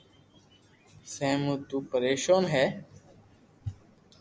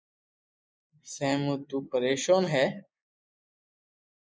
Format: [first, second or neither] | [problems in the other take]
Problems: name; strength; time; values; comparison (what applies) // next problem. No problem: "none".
first | noise reduction (neural mask model Resemble Enhance denoiser)